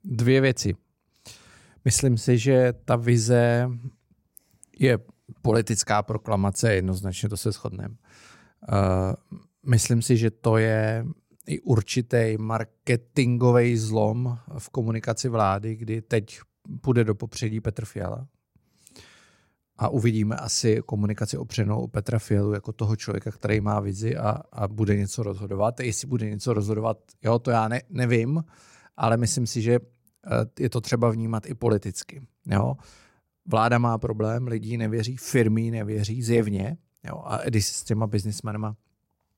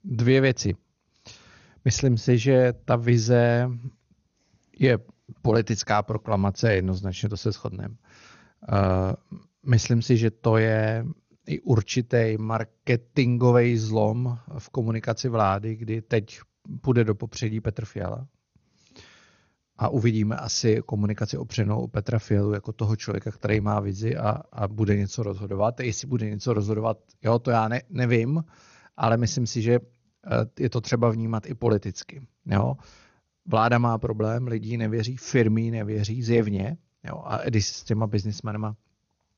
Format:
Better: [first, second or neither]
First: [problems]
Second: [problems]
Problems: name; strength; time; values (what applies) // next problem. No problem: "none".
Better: first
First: none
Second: garbled, watery; slightly; nothing above 6.5 kHz